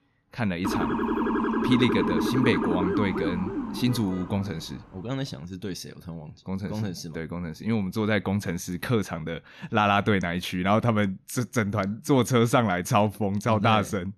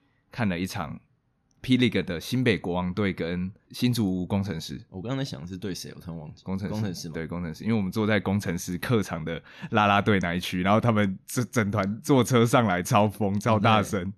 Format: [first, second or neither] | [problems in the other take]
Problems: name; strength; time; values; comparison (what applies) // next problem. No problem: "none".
second | siren; loud; from 0.5 to 4.5 s; peak 1 dB above the speech